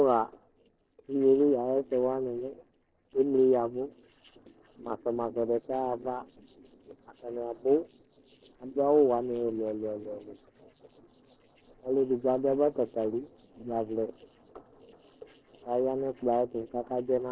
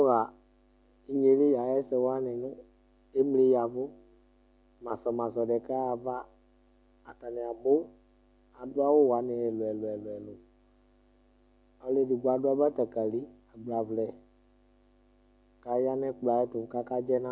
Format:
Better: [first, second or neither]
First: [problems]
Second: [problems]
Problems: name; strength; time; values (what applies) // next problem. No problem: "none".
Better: second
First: noise reduction (neural separator model SepFormer DNS4)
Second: none